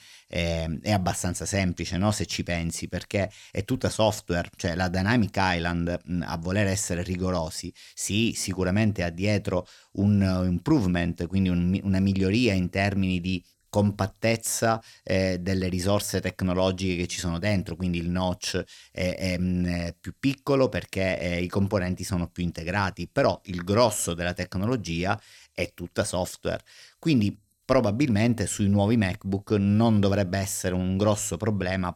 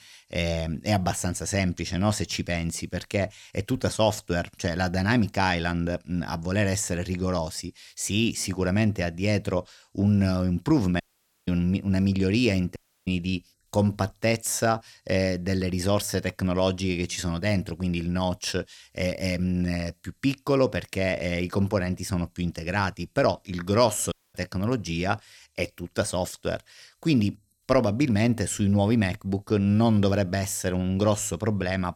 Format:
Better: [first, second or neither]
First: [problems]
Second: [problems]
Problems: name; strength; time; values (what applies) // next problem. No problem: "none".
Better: first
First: none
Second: audio cutting out; at 11 s, at 13 s and at 24 s